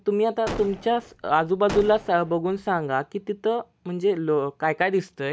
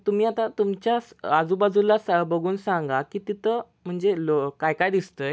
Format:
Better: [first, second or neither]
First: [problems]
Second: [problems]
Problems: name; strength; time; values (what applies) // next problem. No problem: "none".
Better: second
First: background sound (Gunshot, gunfire); 13 dB below the speech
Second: none